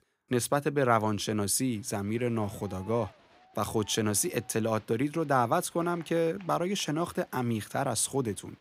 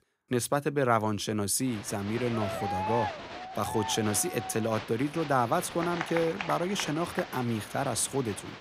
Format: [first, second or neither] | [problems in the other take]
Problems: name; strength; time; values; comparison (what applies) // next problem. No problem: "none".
first | crowd noise; loud; from 1.5 s on; 8 dB below the speech; faint in the first